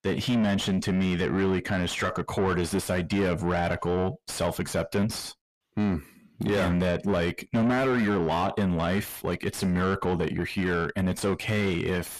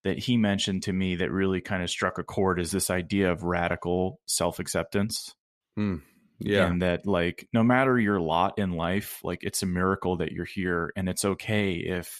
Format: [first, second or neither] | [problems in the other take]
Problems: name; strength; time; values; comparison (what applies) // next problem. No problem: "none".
second | distortion; heavy; 7 dB below the speech